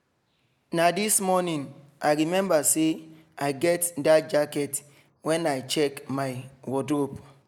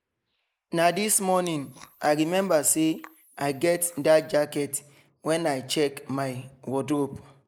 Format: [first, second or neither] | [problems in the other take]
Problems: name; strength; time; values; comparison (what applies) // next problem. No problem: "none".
first | noise reduction (neural mask model Resemble Enhance denoiser)